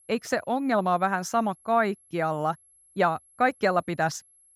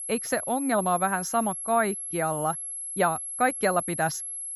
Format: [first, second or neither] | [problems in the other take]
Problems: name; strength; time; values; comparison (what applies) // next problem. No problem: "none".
first | high-pitched whine; loud; throughout; 11 kHz, 5 dB below the speech; faint in the first